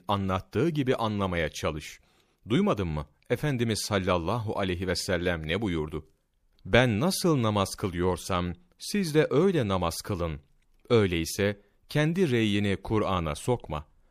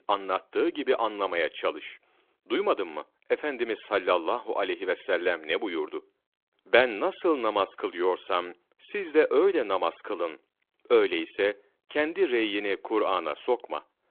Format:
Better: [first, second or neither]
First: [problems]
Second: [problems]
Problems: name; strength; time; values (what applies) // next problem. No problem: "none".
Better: first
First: none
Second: phone-call audio